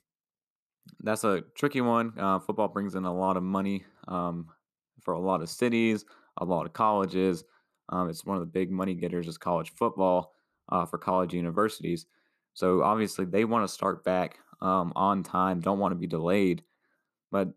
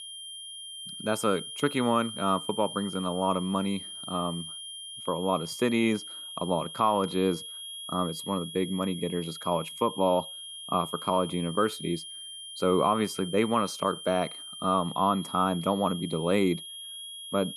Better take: first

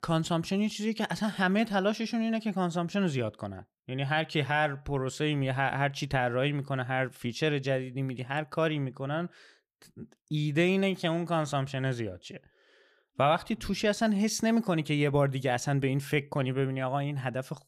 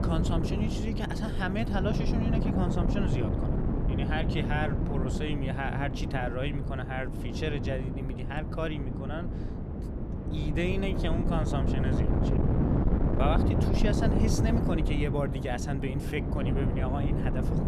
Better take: first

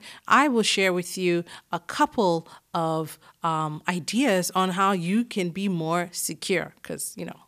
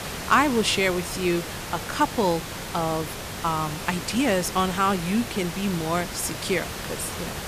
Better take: first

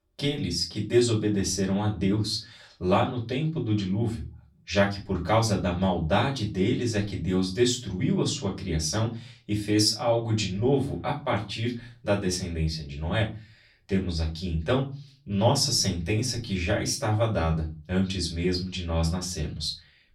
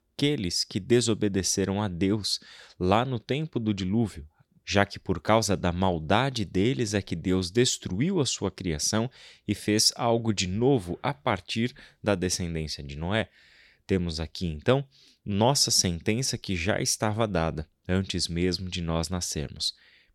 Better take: second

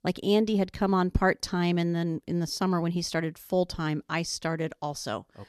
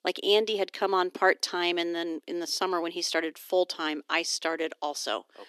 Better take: first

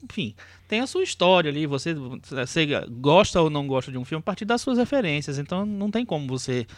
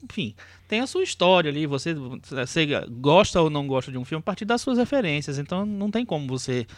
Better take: neither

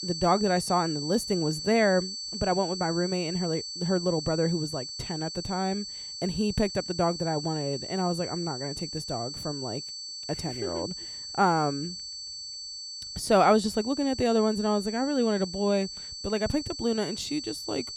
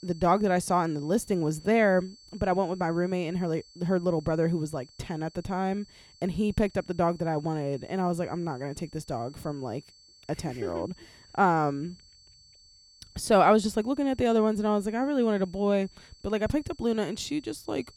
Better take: second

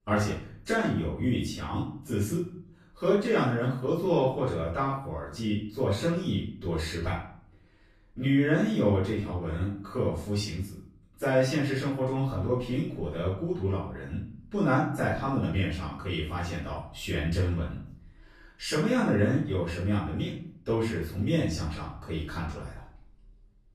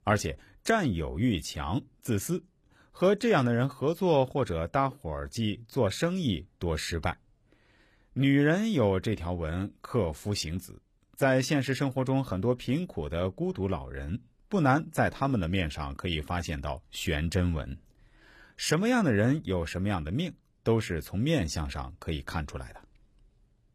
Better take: second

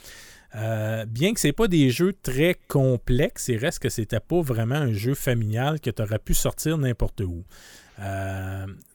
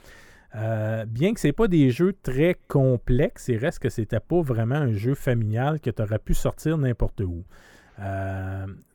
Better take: first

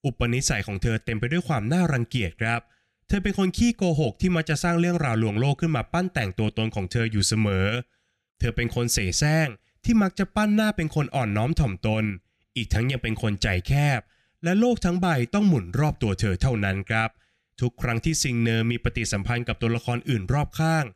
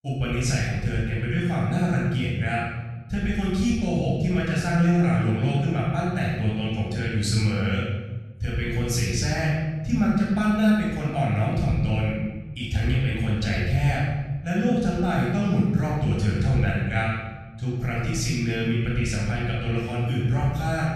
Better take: first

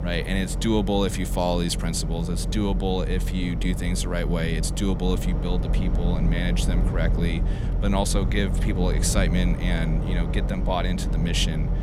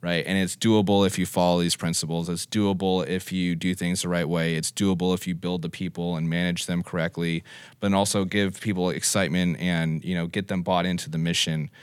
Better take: second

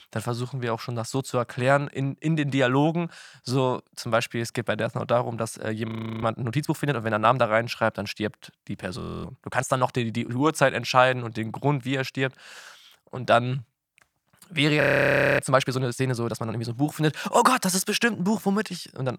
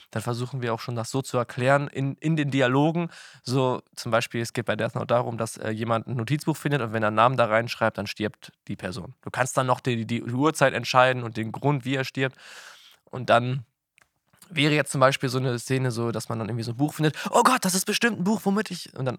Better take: second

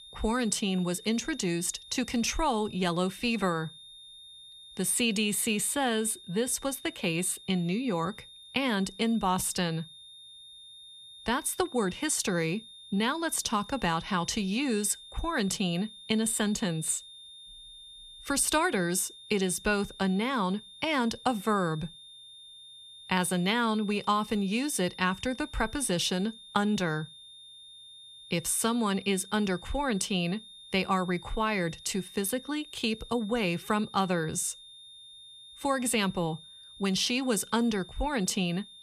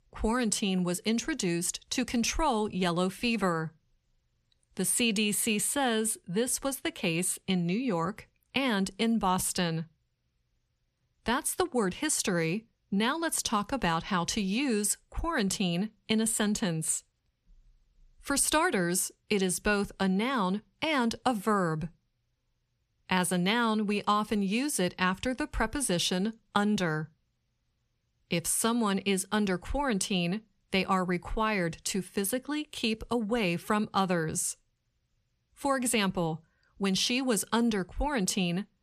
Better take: second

